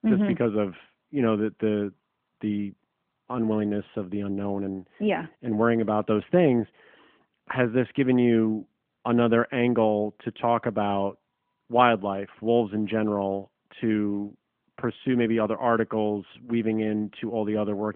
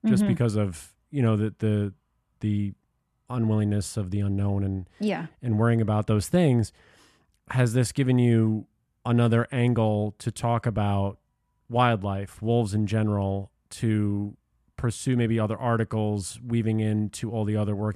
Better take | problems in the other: second | phone-call audio; nothing above 3.5 kHz

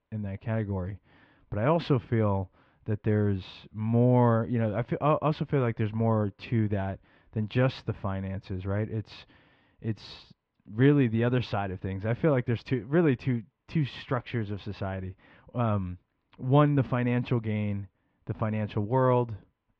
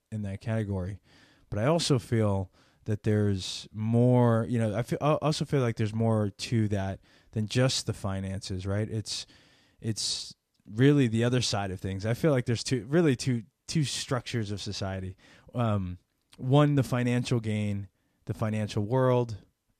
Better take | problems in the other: second | muffled; very; fading above 3 kHz

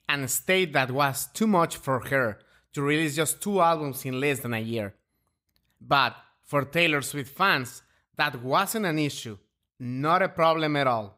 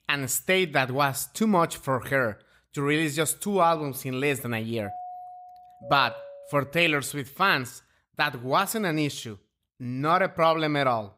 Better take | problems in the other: first | doorbell; faint; from 5 to 7 s; peak 15 dB below the speech

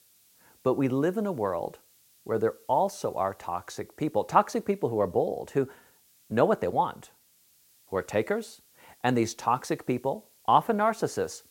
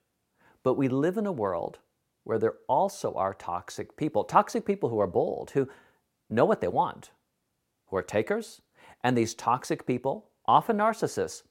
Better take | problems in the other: second | hiss; faint; throughout; 30 dB below the speech

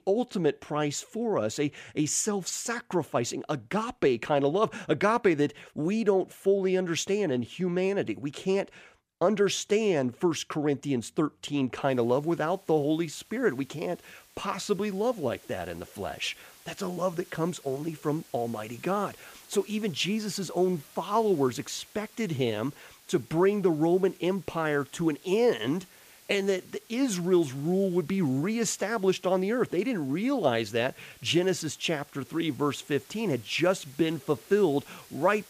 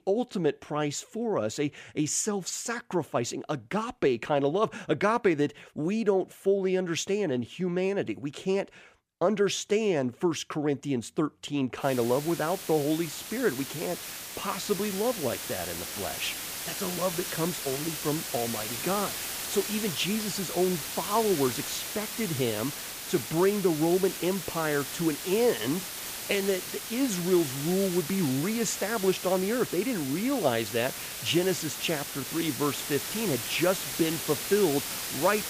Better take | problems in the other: first | hiss; loud; from 12 s on; 5 dB below the speech; faint in the first

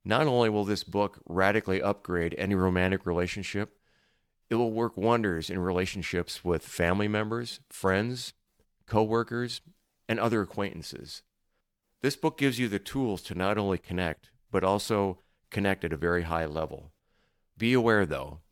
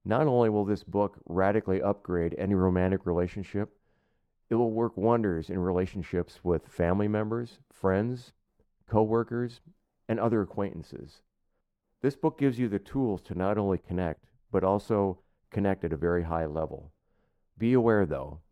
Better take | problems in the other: first | muffled; very; fading above 1.5 kHz

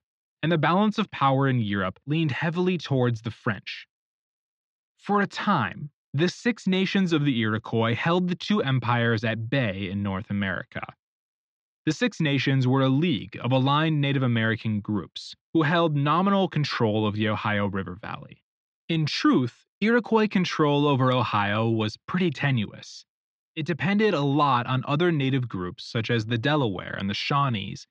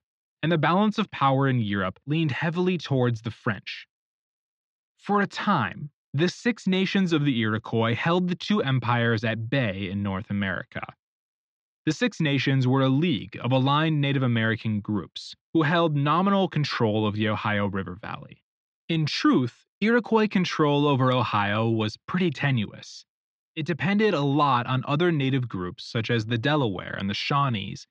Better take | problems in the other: neither | muffled; slightly; fading above 4 kHz; the same in both

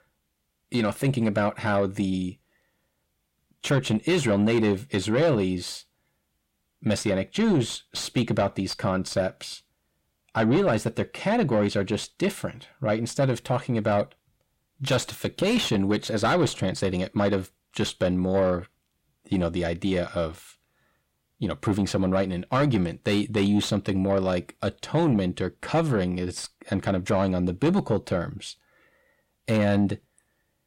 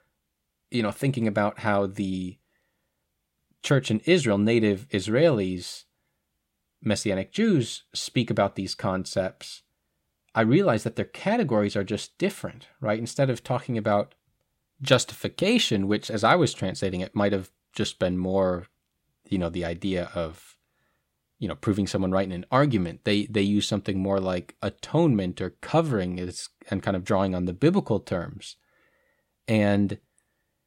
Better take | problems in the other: second | distortion; slight; 10 dB below the speech

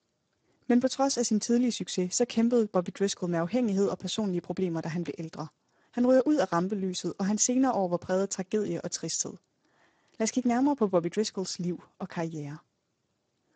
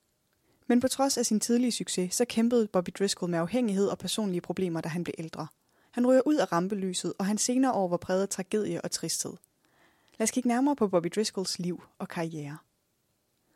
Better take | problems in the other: second | garbled, watery; badly; nothing above 7.5 kHz

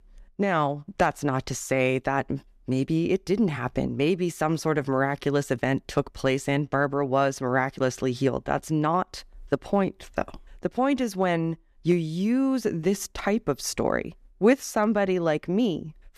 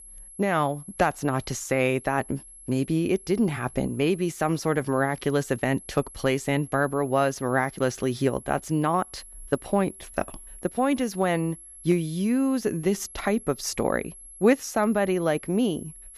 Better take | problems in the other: first | high-pitched whine; noticeable; throughout; 11 kHz, 20 dB below the speech

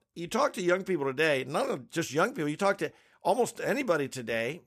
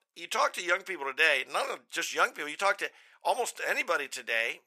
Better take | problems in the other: first | thin; very; fading below 750 Hz

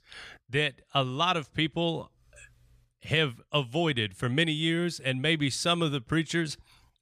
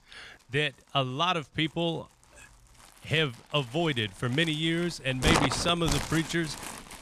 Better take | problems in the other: first | household noises; loud; throughout; 3 dB below the speech

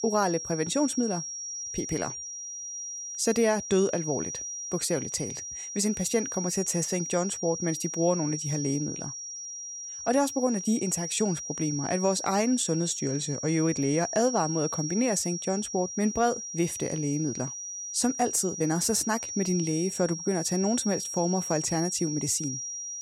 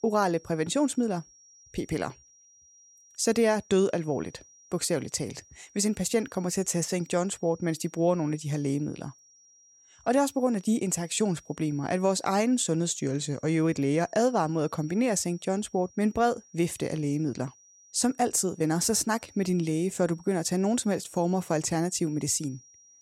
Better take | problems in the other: second | high-pitched whine; loud; throughout; 5.5 kHz, 6 dB below the speech; faint in the second

